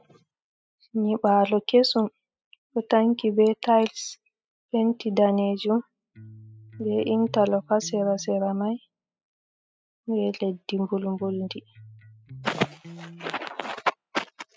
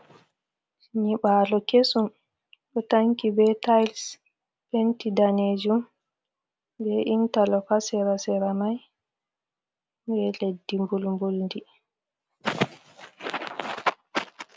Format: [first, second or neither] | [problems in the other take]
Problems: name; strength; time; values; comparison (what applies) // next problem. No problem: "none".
second | noise reduction (classical method spectral subtraction)